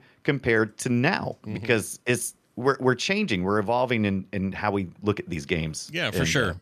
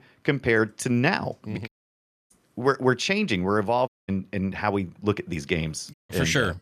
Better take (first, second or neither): first